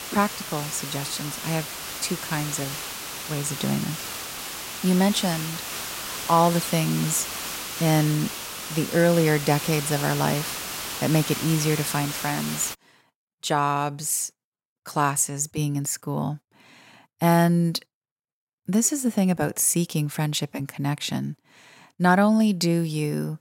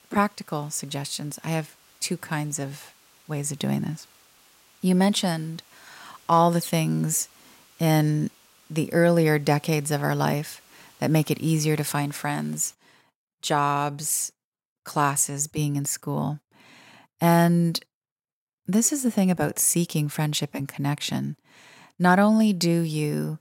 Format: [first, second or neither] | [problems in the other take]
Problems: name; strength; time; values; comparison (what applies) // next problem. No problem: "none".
second | hiss; loud; until 13 s; 7 dB below the speech; faint in the second